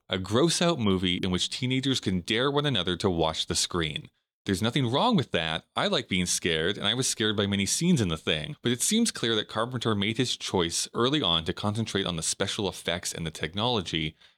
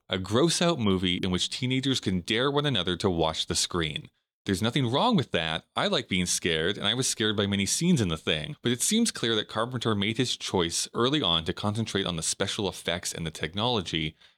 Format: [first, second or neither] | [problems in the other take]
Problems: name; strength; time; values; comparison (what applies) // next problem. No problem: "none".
neither | none